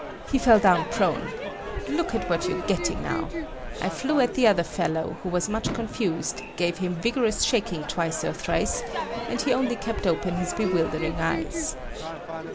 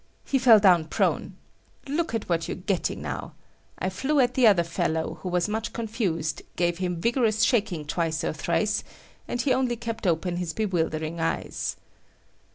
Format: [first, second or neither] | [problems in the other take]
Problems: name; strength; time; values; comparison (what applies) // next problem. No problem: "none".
second | background sound (Crowd / Fireworks); 6 dB below the speech